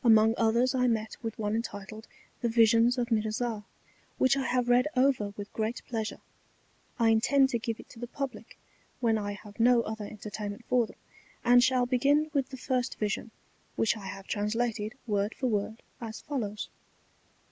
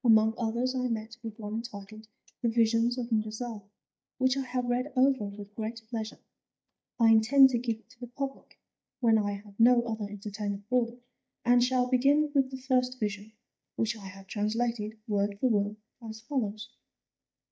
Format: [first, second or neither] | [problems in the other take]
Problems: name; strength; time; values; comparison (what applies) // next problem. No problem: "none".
first | noise reduction (neural mask model DeepFilterNet 3)